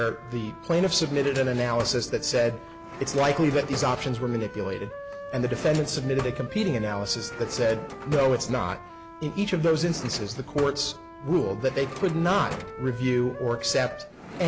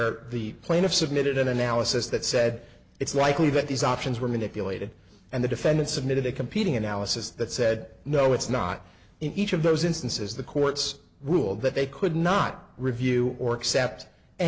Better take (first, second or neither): second